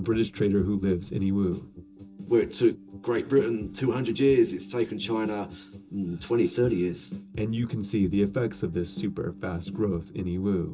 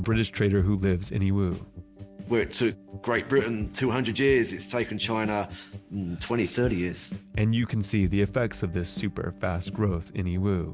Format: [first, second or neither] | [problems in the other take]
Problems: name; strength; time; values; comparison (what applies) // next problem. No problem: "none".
second | room echo; dies away in 0.2 s